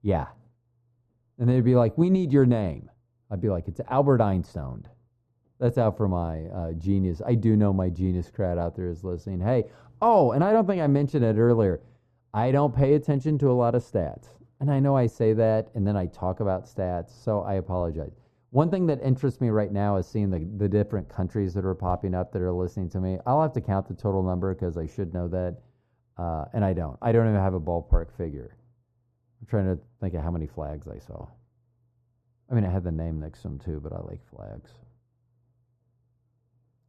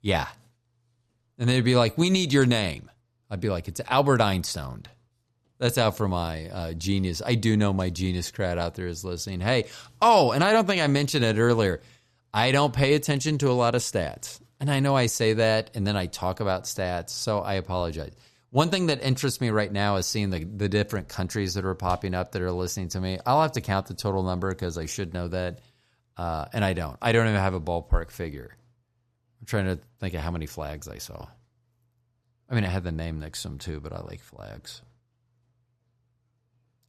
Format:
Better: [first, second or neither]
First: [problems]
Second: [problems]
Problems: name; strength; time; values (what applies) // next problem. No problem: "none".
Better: second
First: muffled; very; fading above 1.5 kHz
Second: none